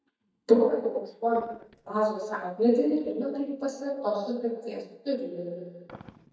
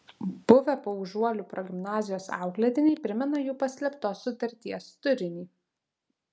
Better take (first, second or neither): second